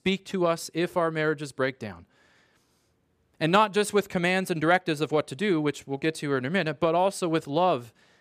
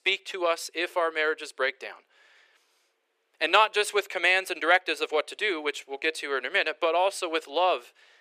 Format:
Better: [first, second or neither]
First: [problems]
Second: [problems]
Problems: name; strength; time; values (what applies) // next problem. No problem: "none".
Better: first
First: none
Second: thin; very; fading below 400 Hz